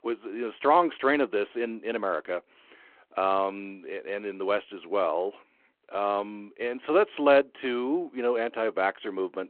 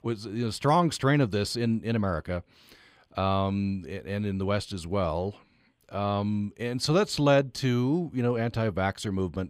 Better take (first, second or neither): second